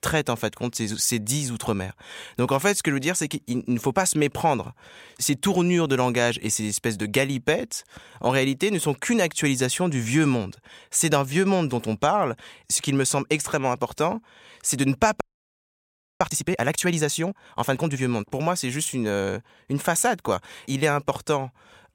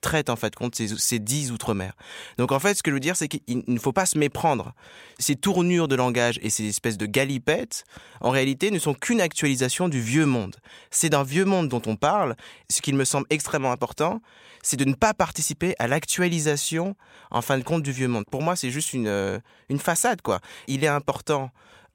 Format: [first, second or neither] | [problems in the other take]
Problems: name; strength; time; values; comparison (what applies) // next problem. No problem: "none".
second | audio freezing; at 15 s for 1 s